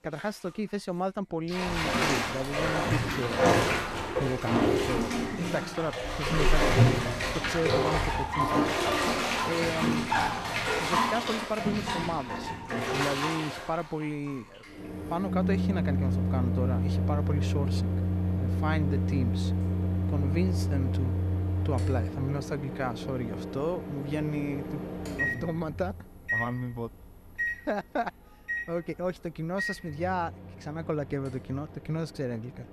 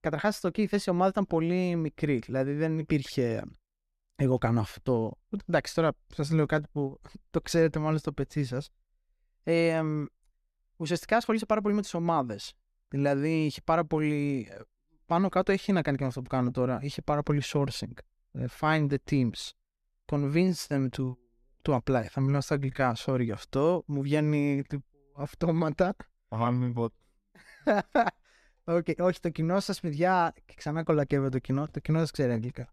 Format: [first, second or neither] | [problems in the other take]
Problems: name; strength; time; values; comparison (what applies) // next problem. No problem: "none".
second | household noises; very loud; throughout; 5 dB above the speech